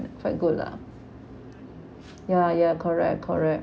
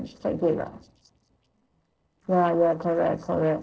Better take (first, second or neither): first